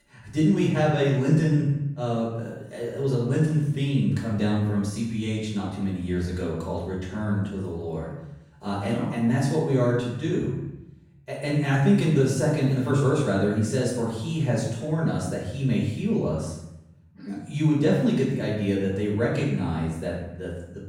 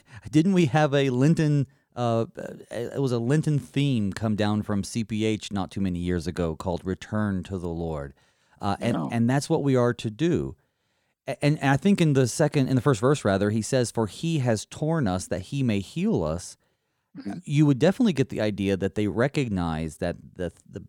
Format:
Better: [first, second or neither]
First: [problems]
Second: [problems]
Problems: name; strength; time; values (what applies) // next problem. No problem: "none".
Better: second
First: off-mic speech; far // room echo; noticeable; dies away in 0.8 s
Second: none